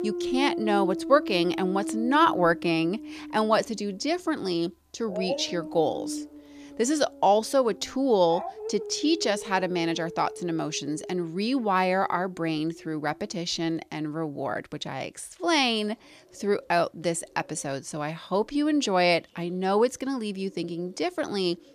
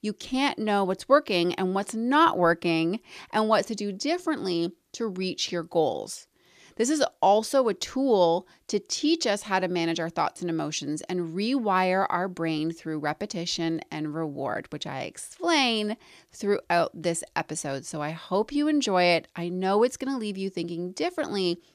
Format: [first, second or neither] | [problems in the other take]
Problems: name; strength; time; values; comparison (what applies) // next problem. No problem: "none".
second | animal sounds; loud; throughout; 9 dB below the speech